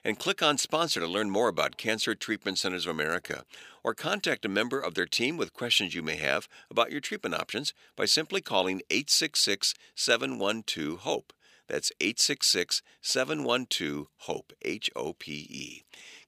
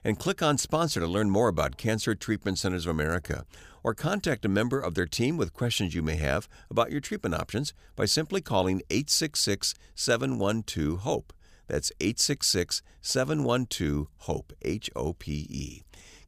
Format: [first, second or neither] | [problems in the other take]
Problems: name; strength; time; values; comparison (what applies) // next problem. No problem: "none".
second | thin; very slightly; fading below 250 Hz